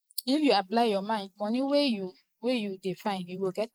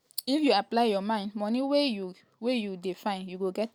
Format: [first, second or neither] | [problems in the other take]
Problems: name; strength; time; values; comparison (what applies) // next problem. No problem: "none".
second | noise reduction (neural mask model Resemble Enhance denoiser)